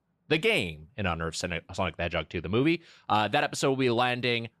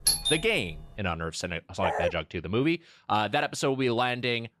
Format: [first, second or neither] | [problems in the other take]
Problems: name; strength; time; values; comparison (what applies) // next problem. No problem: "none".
first | doorbell; loud; at the start; peak 5 dB above the speech // dog barking; noticeable; at 2 s; peak 1 dB below the speech